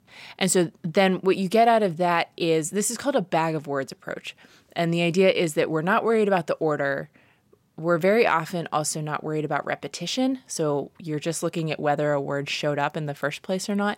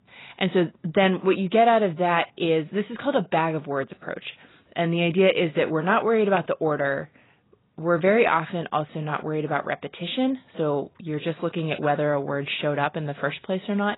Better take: first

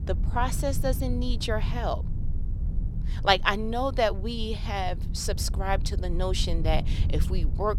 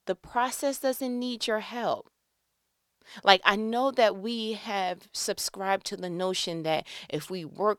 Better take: second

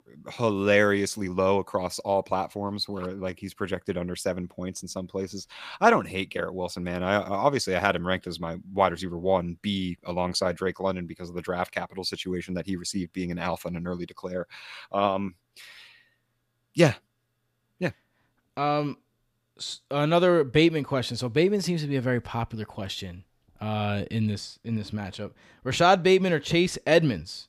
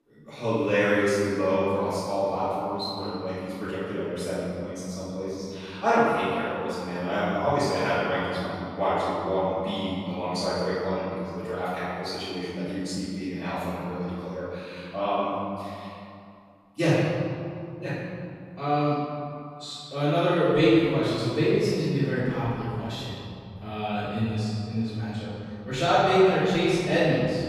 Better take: first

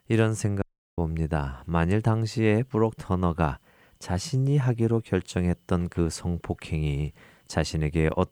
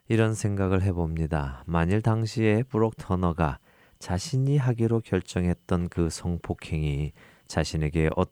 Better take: second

